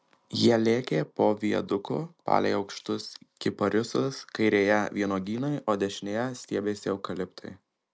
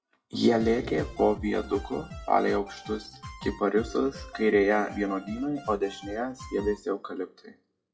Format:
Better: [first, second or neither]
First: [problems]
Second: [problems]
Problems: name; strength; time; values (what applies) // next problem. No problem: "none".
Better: first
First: none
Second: noise reduction (classical method WPE with log-MMSE)